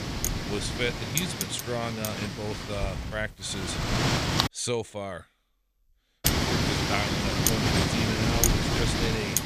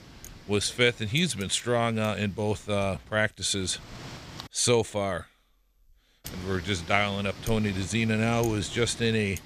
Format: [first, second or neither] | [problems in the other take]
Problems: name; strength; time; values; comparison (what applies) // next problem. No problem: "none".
second | wind noise on the microphone; heavy; until 4.5 s and from 6.5 s on; 5 dB above the speech; occasional gusts in the second